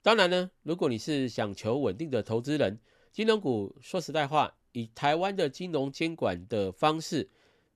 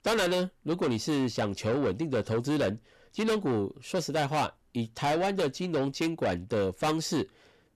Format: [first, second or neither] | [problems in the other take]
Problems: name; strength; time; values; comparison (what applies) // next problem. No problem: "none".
first | distortion; heavy; 6 dB below the speech